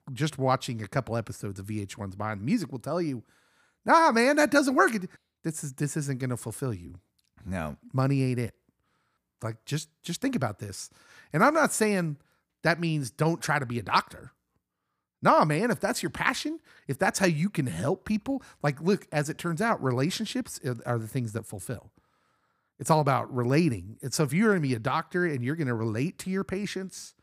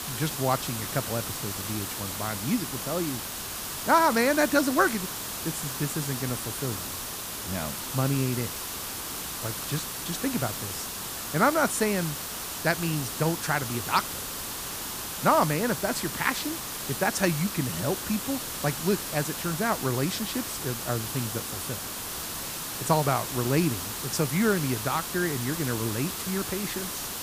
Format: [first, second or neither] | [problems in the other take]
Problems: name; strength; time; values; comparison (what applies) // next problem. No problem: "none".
first | hiss; loud; throughout; 4 dB below the speech